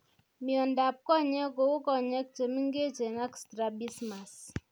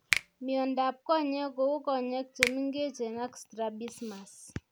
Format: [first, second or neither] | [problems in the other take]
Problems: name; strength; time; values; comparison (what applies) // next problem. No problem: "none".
first | background sound (Finger snapping); 6 dB below the speech